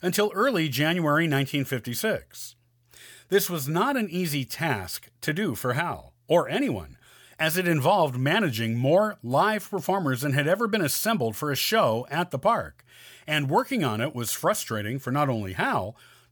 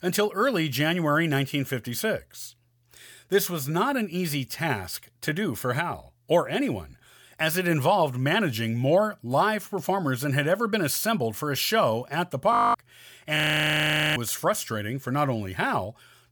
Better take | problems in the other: first | audio freezing; at 13 s for 1 s

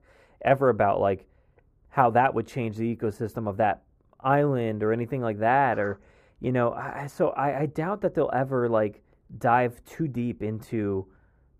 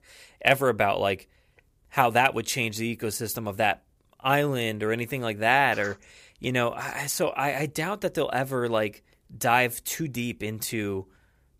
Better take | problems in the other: second | muffled; very; fading above 2 kHz

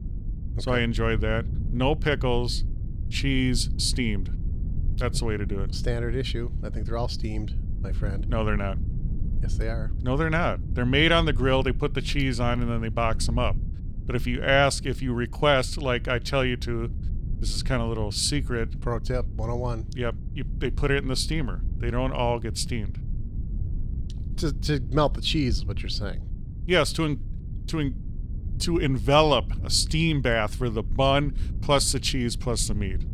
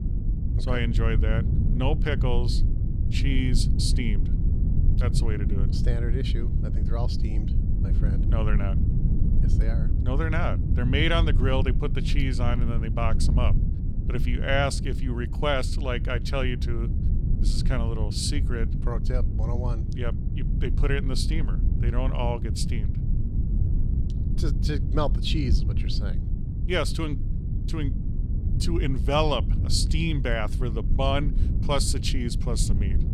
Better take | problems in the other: first | low rumble; loud; throughout; 9 dB below the speech; faint in the first

